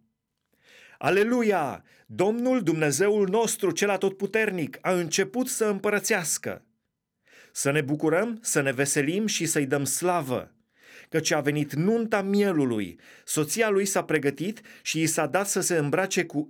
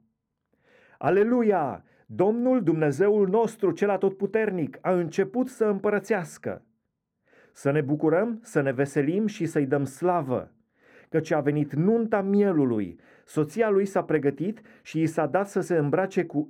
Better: first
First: none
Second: muffled; very; fading above 2 kHz

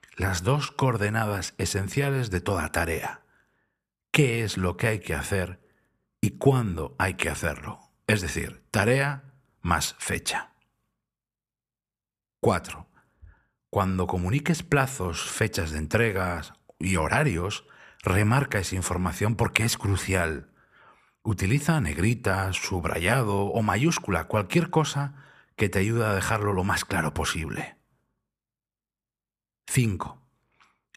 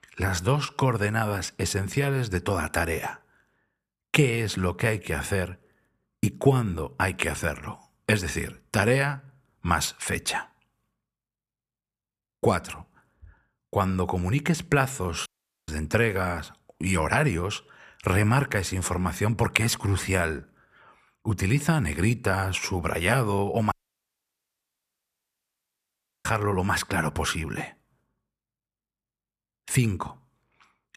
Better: first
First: none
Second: audio cutting out; at 15 s and at 24 s for 2.5 s

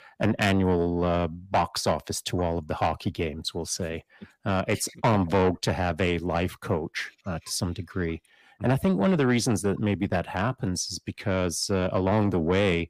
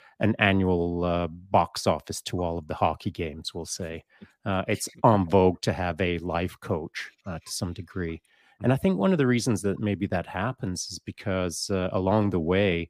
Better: second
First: distortion; slight; 10 dB below the speech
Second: none

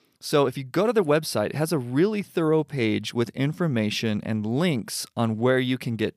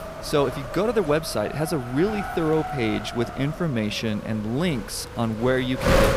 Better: first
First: none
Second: wind noise on the microphone; heavy; 5 dB below the speech

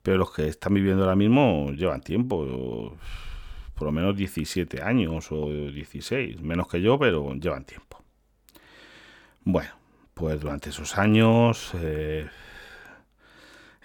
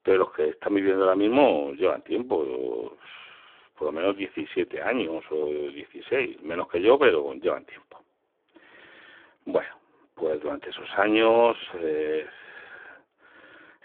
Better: first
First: none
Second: phone-call audio; poor line

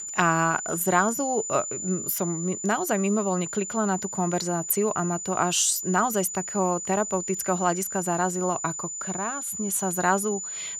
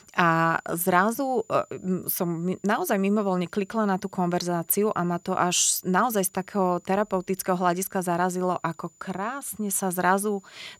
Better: second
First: high-pitched whine; loud; throughout; 7 kHz, 6 dB below the speech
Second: high-pitched whine; faint; throughout; 7 kHz, 30 dB below the speech

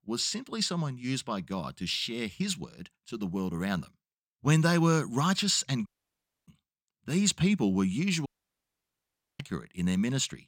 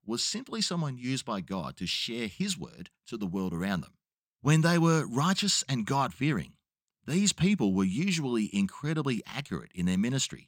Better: second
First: audio cutting out; at 6 s for 0.5 s and at 8.5 s for 1 s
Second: none

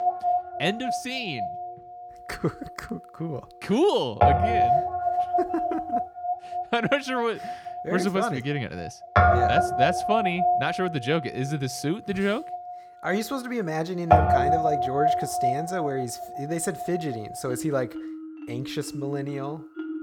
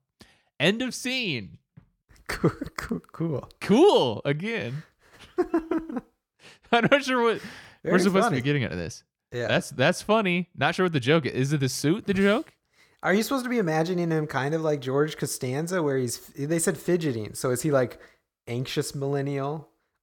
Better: second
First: background music; very loud; throughout; 3 dB above the speech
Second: none

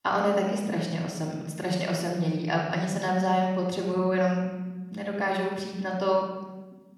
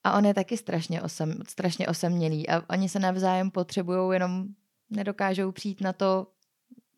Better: second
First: off-mic speech; far // room echo; noticeable; dies away in 1.1 s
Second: none

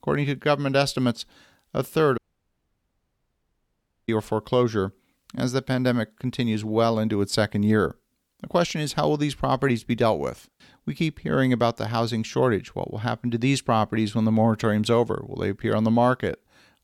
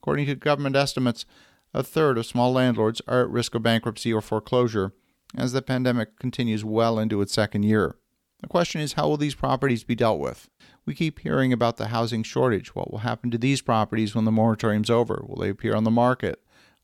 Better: second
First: audio cutting out; at 2 s for 2 s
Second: none

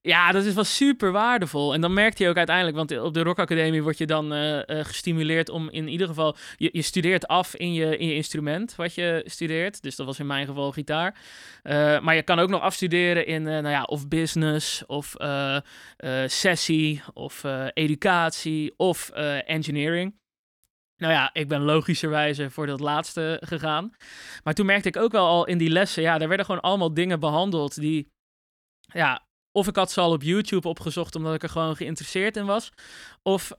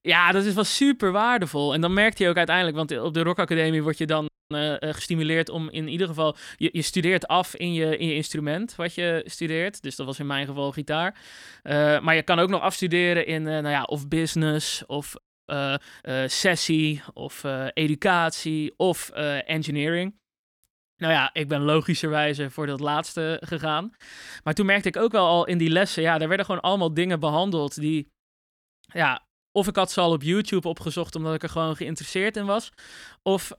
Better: first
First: none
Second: audio freezing; at 4.5 s and at 15 s

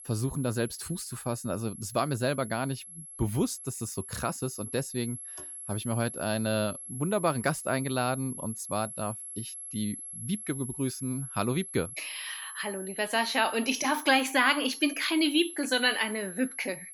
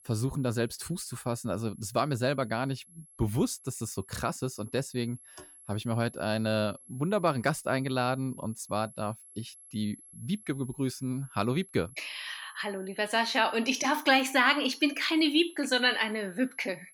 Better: second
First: high-pitched whine; loud; throughout; 11 kHz, 10 dB below the speech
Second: high-pitched whine; faint; throughout; 11 kHz, 20 dB below the speech

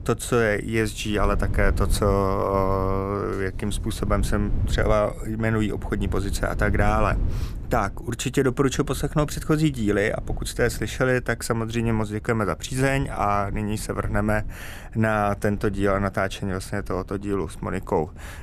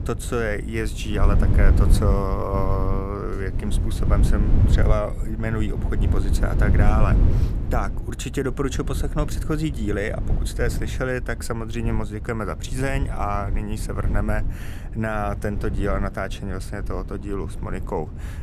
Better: first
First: wind noise on the microphone; occasional gusts; 20 dB below the speech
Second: wind noise on the microphone; heavy; 9 dB below the speech

